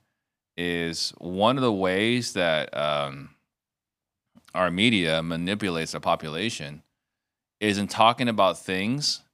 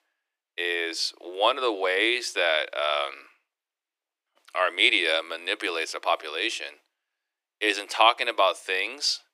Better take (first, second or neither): first